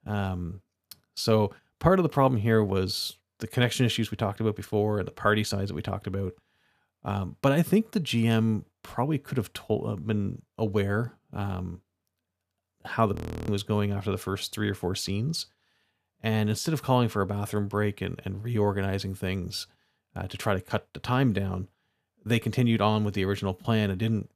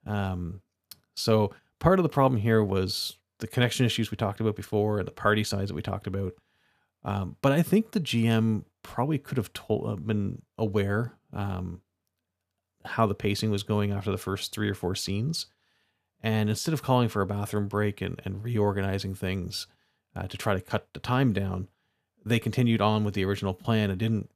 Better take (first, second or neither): second